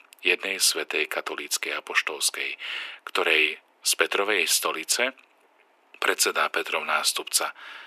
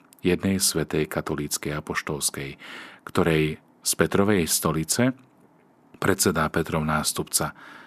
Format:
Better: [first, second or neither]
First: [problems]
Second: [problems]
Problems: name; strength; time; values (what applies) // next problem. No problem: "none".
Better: second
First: thin; very; fading below 400 Hz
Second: none